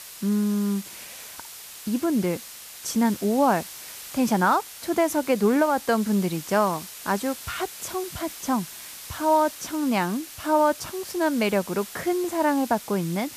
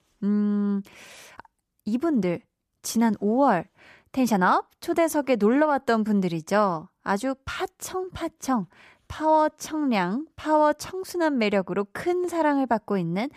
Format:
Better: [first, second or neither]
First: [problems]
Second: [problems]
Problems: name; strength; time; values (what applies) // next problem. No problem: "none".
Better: second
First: hiss; noticeable; throughout; 15 dB below the speech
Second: none